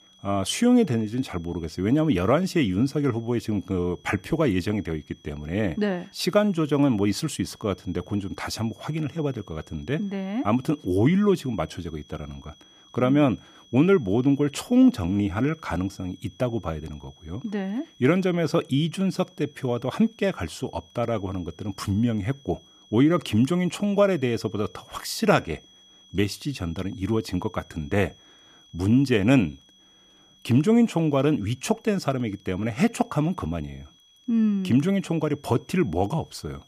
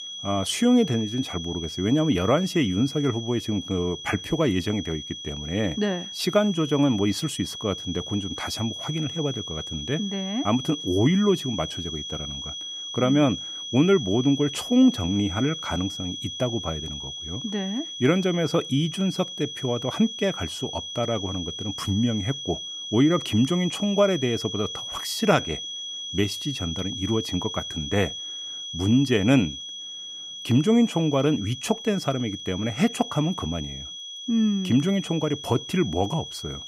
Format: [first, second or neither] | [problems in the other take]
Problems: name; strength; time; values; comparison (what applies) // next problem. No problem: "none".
first | high-pitched whine; loud; throughout; 3.5 kHz, 8 dB below the speech; faint in the first